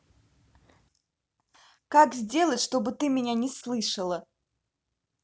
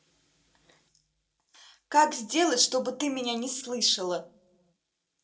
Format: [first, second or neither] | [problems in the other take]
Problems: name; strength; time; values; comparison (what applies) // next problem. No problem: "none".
first | room echo; dies away in 0.2 s